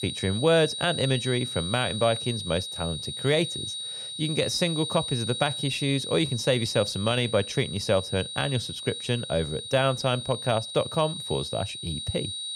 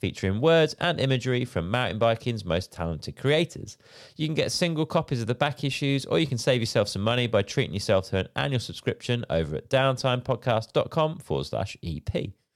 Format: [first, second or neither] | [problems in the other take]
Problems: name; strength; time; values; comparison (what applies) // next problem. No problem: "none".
second | high-pitched whine; loud; throughout; 4 kHz, 6 dB below the speech